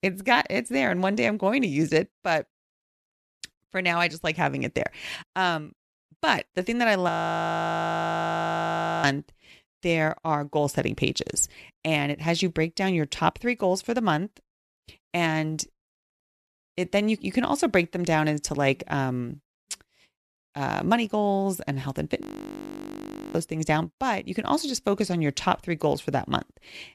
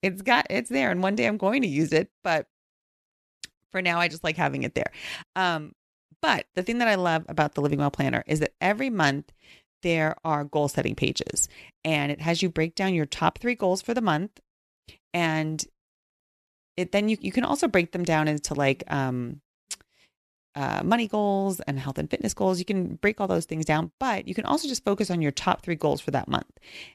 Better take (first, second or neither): second